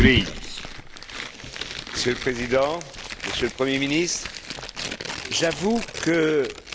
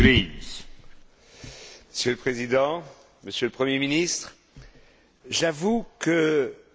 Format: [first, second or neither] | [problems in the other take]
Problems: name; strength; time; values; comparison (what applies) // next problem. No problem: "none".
second | background sound (Tearing); 10 dB below the speech